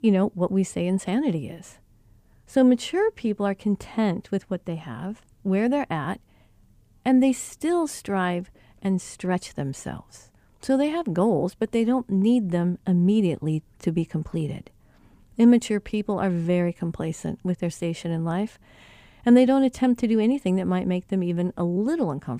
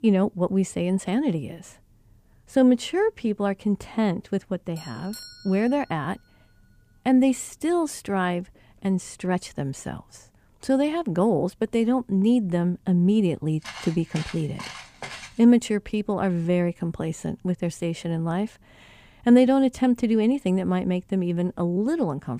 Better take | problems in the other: first | doorbell; faint; from 5 to 6 s; peak 15 dB below the speech // footsteps; faint; from 14 to 15 s; peak 15 dB below the speech

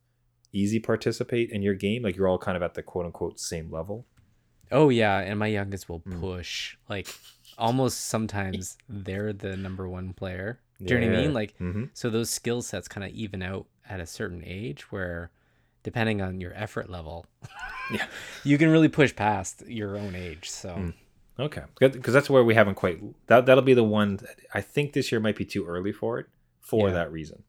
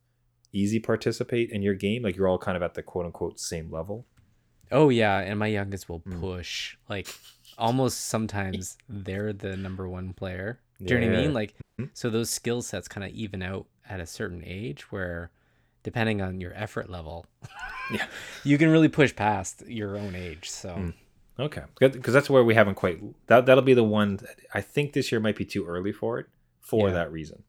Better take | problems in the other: first | audio cutting out; at 12 s

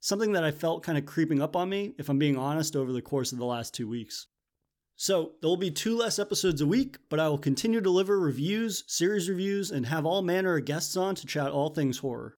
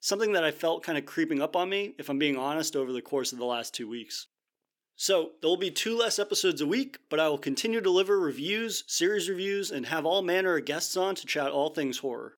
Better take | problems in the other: first | thin; very slightly; fading below 350 Hz

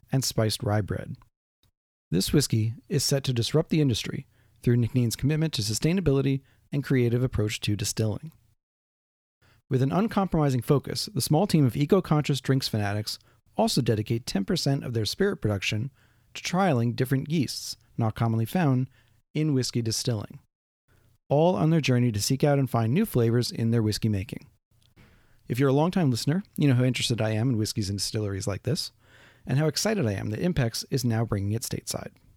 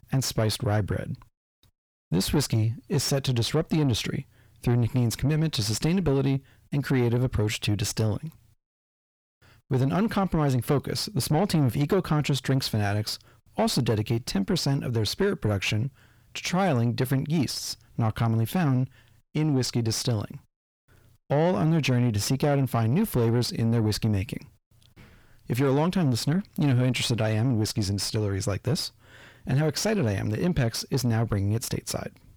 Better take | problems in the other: first | distortion; slight; 10 dB below the speech

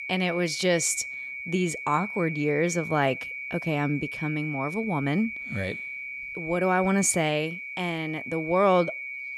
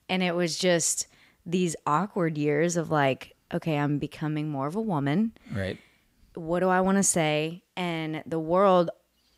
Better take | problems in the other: second | high-pitched whine; loud; throughout; 2.5 kHz, 7 dB below the speech

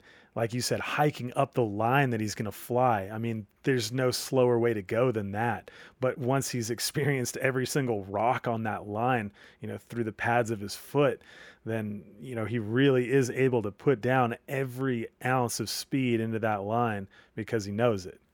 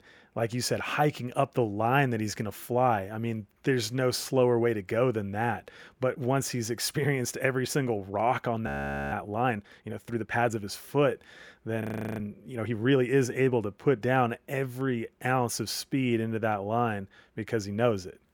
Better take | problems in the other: first | audio freezing; at 8.5 s and at 12 s

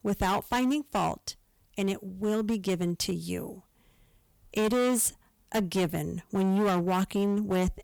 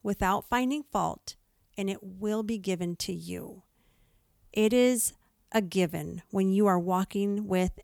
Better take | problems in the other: second | distortion; heavy; 12% of the sound clipped

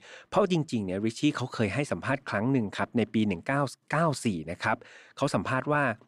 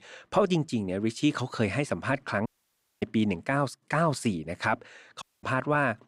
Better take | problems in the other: first | audio cutting out; at 2.5 s for 0.5 s and at 5 s

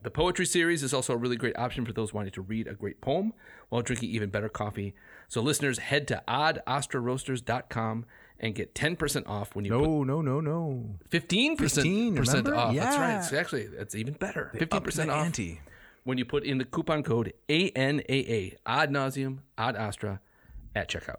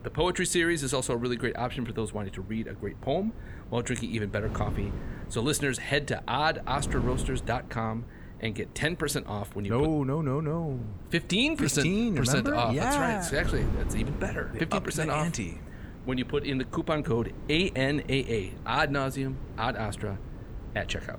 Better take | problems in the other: first | wind noise on the microphone; occasional gusts; 20 dB below the speech

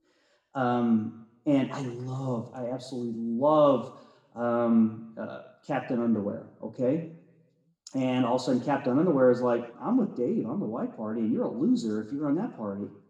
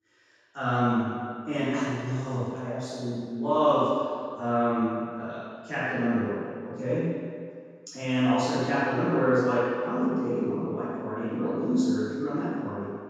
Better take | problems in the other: first | room echo; strong; dies away in 1.8 s; slight in the first // off-mic speech; far; somewhat distant in the first

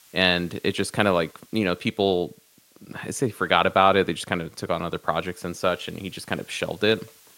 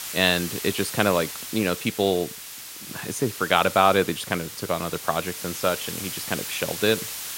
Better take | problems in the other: first | hiss; loud; throughout; 8 dB below the speech; faint in the first

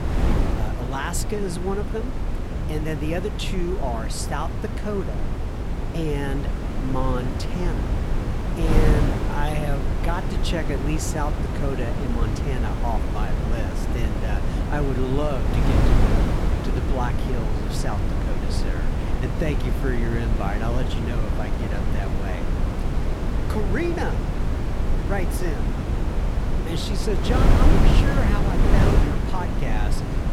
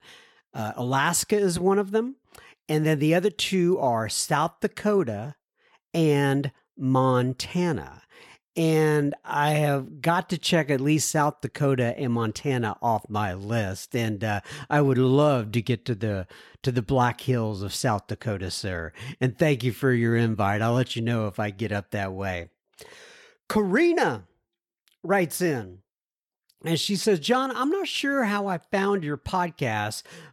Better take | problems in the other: second | wind noise on the microphone; heavy; 1 dB below the speech

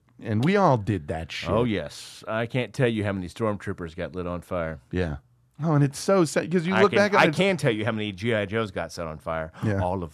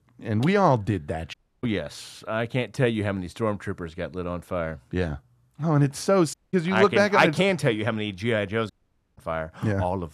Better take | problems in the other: first | audio cutting out; at 1.5 s, at 6.5 s and at 8.5 s

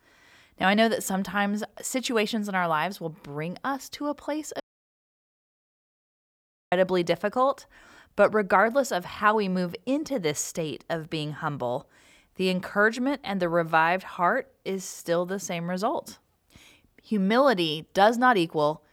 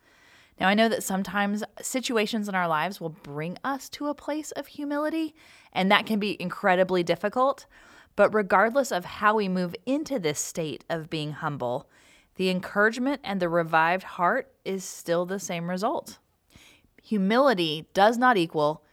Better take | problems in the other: second | audio cutting out; at 4.5 s for 2 s

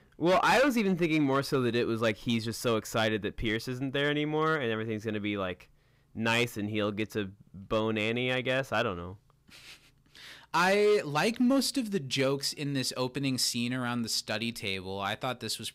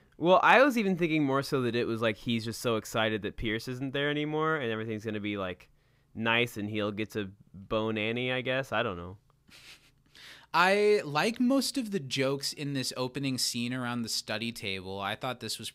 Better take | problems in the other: second | distortion; slight; 3% of the sound clipped

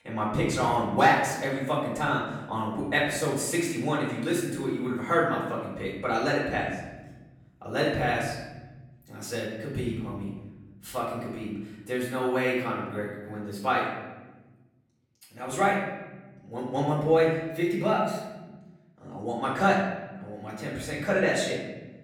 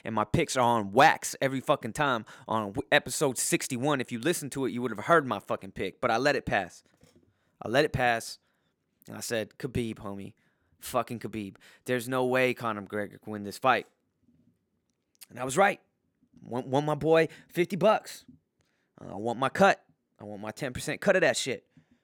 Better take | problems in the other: second | off-mic speech; far // room echo; noticeable; dies away in 1.2 s

